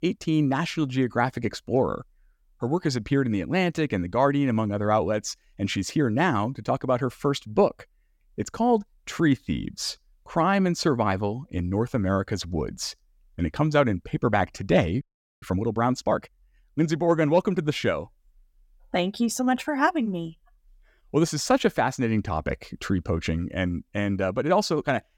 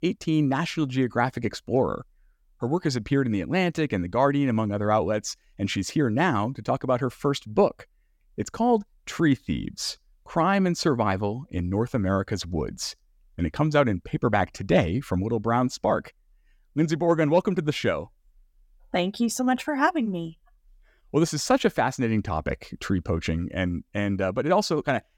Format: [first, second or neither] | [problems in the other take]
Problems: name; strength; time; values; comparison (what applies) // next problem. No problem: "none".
second | audio freezing; at 15 s